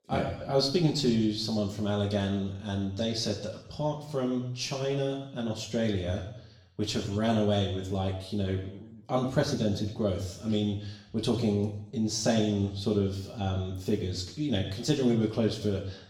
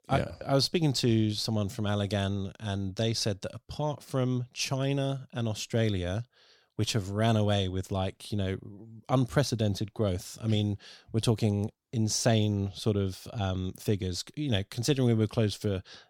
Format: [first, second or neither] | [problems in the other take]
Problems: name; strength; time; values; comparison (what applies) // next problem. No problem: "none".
second | room echo; noticeable; dies away in 0.8 s // off-mic speech; far